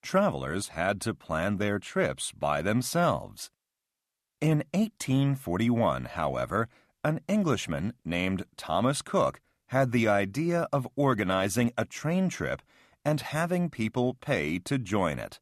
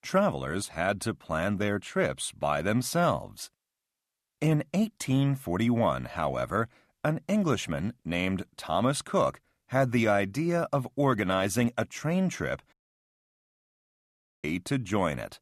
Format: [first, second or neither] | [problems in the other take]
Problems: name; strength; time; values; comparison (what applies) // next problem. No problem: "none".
first | audio cutting out; at 13 s for 1.5 s